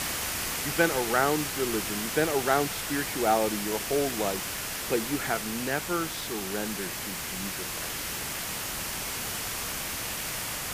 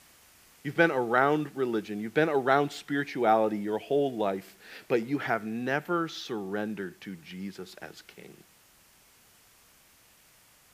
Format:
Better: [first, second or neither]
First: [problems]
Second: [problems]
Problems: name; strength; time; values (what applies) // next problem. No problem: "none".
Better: second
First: hiss; loud; throughout; 2 dB below the speech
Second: hiss; faint; throughout; 30 dB below the speech